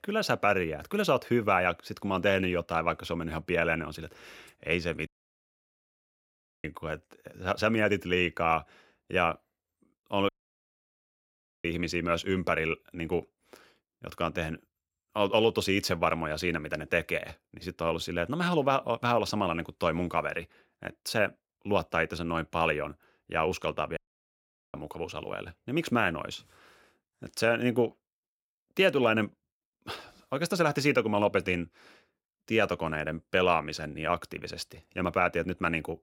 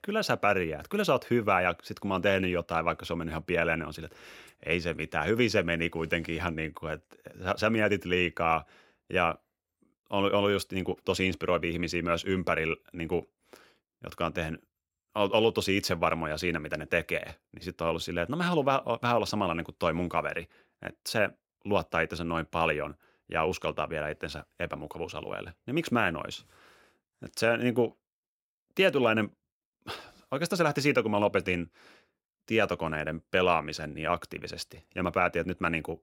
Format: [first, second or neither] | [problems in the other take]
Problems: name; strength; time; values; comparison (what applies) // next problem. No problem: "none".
second | audio cutting out; at 5 s for 1.5 s, at 10 s for 1.5 s and at 24 s for 1 s